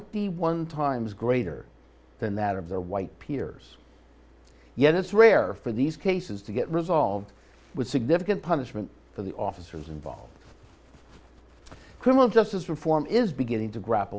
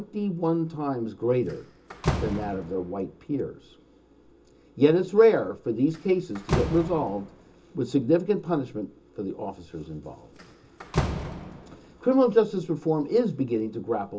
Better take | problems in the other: first | background sound (Slam); 10 dB below the speech // room echo; dies away in 0.2 s

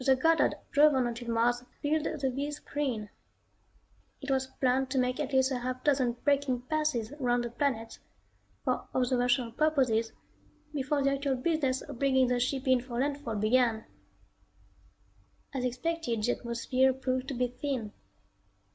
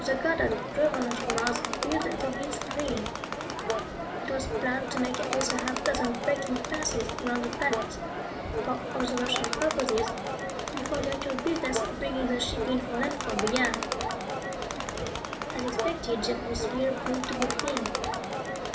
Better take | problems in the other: first | background sound (Crowd); as loud as the speech // room echo; dies away in 0.5 s

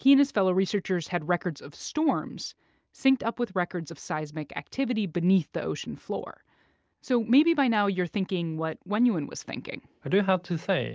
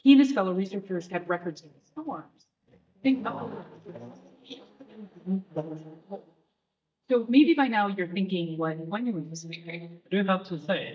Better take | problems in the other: first | noise reduction (neural mask model DeepFilterNet 3)

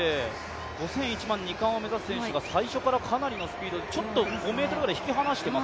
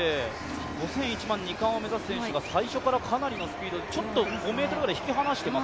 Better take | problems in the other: first | background sound (Toilet flush); 15 dB below the speech

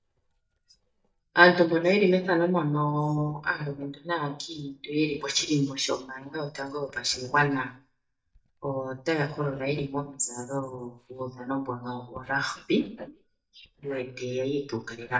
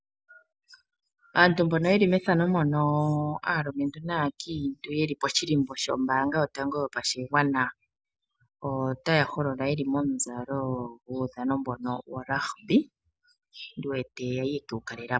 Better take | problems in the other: second | noise reduction (neural mask model DeepFilterNet 3)

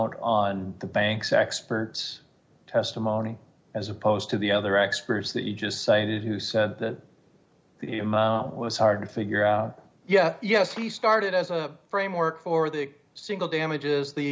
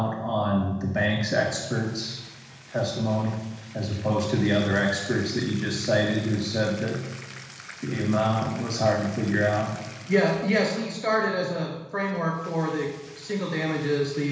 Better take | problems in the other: first | background sound (Bathtub (filling or washing)); 20 dB below the speech // room echo; dies away in 1.1 s

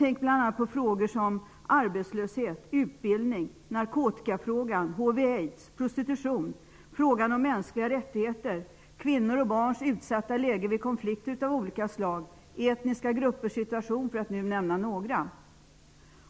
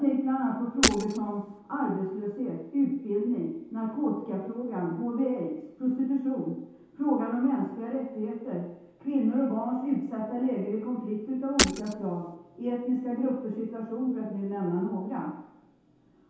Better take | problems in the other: first | background sound (Shatter); 1 dB above the speech // room echo; dies away in 0.8 s

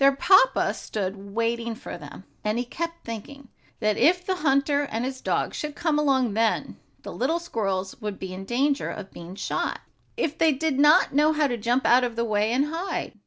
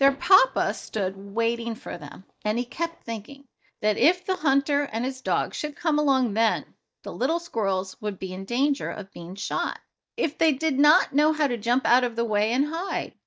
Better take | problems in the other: first | noise reduction (neural mask model DeepFilterNet 3)

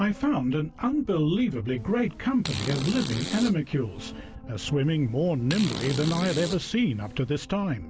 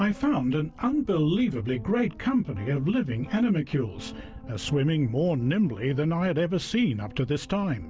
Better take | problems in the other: second | background sound (Fart); 10 dB below the speech

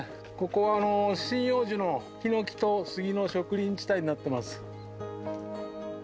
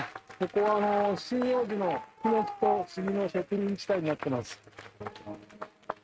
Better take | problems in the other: first | noise reduction (neural mask model RNNoise)

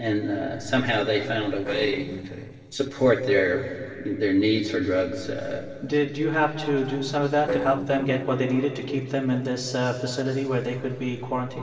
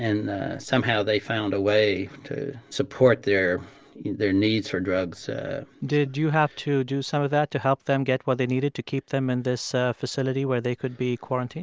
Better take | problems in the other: second | noise reduction (neural separator model SepFormer DNS4)

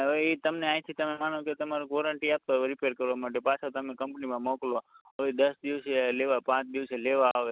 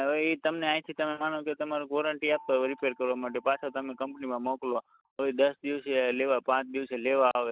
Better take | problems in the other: first | noise reduction (neural mask model DeepFilterNet 3)

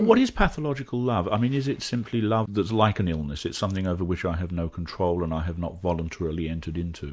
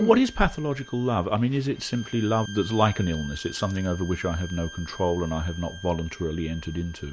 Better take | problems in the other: first | background sound (Bowed string instrument); 18 dB below the speech

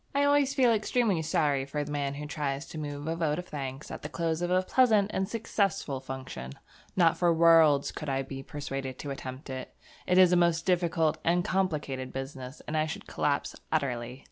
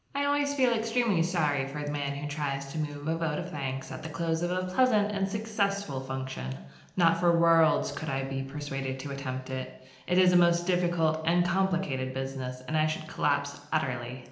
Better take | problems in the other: first | room echo; dies away in 0.8 s

